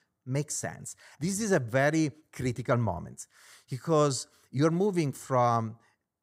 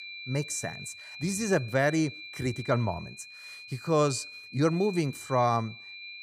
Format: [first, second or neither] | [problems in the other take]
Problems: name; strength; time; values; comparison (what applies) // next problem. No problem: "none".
first | high-pitched whine; noticeable; throughout; 2.5 kHz, 15 dB below the speech